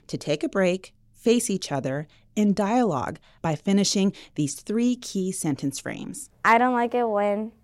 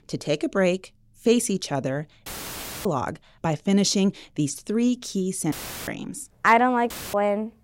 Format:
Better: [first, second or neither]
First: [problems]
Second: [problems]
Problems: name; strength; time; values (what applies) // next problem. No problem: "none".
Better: first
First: none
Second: audio cutting out; filled with static; at 2.5 s for 0.5 s, at 5.5 s and at 7 s